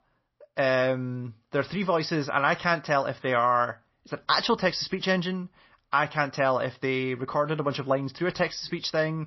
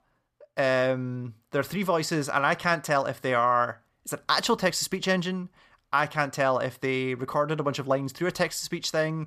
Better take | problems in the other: second | garbled, watery; slightly; nothing above 5.5 kHz

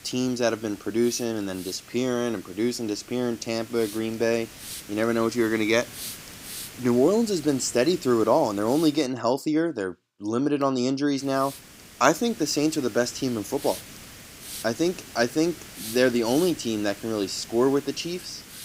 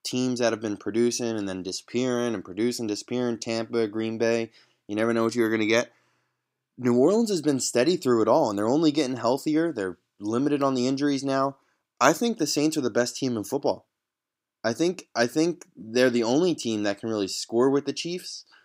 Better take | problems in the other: second | hiss; noticeable; until 9 s and from 11 s on; 15 dB below the speech

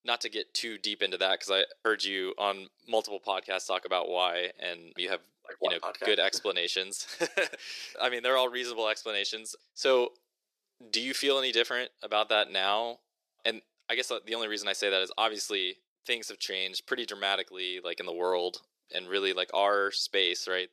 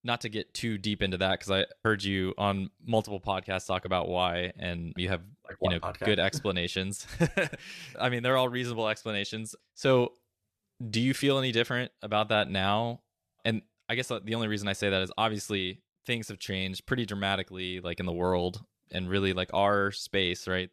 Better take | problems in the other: second | thin; very; fading below 350 Hz

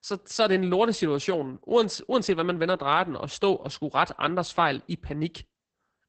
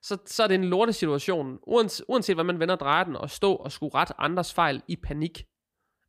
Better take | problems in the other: second | garbled, watery; badly; nothing above 8 kHz

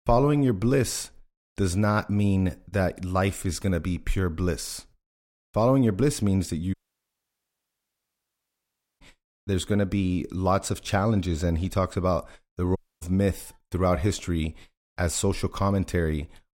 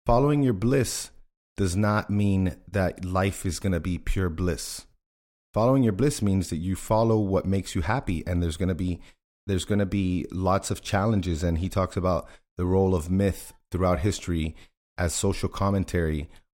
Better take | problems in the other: second | audio cutting out; at 6.5 s for 2.5 s and at 13 s

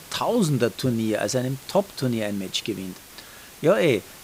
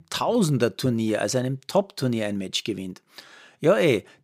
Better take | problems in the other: second | hiss; noticeable; throughout; 20 dB below the speech

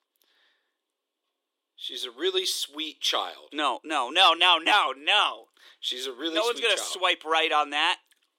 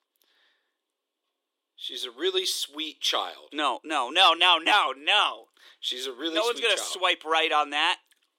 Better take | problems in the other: neither | thin; very; fading below 350 Hz; the same in both

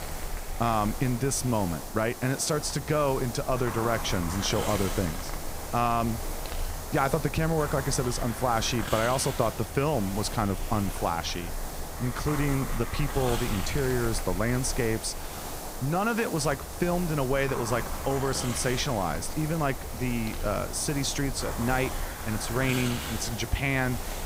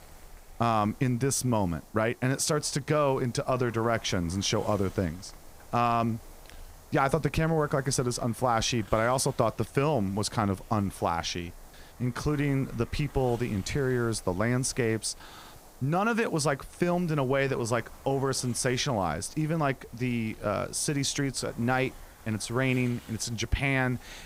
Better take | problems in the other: second | hiss; loud; throughout; 7 dB below the speech; faint in the second

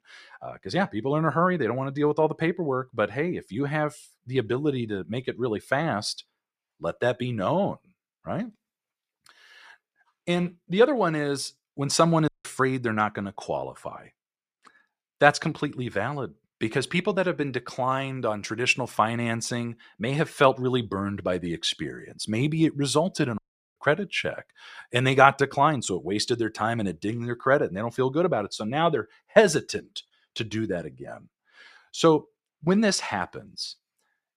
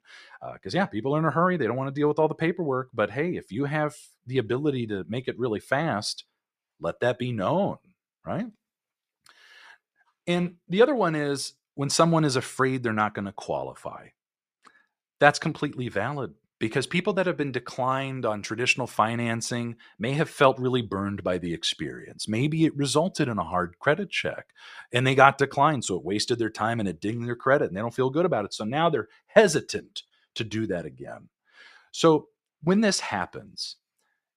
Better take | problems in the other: second | audio cutting out; at 12 s and at 23 s

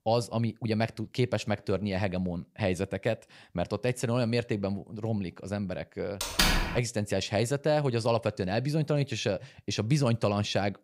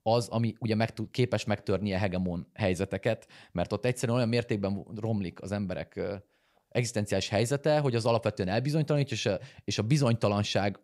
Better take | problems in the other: second | door banging; loud; at 6 s; peak 5 dB above the speech

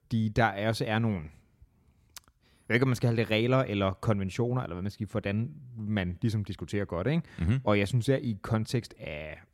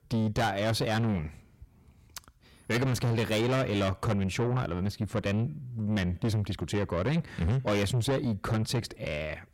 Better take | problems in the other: first | distortion; heavy; 7 dB below the speech

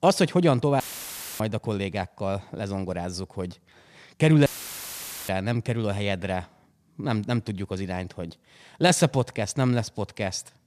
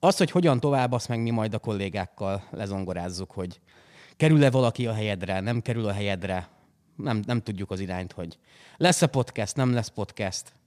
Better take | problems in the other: second | audio cutting out; filled with static; at 1 s for 0.5 s and at 4.5 s for 1 s

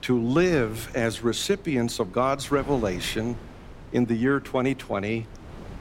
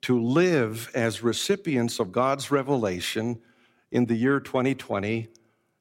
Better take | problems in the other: second | wind noise on the microphone; occasional gusts; 20 dB below the speech

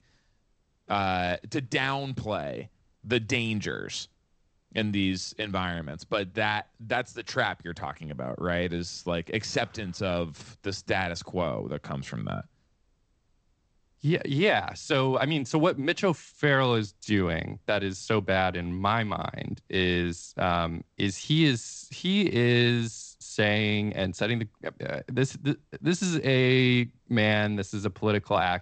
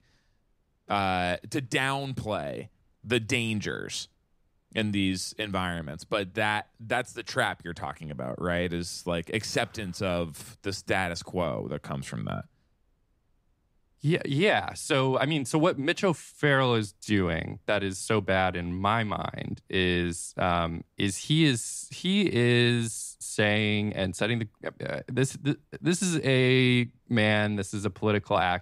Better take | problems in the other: second | garbled, watery; slightly; nothing above 8 kHz

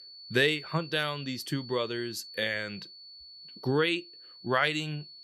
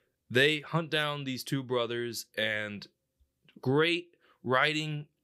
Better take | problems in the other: second | high-pitched whine; noticeable; throughout; 4.5 kHz, 15 dB below the speech

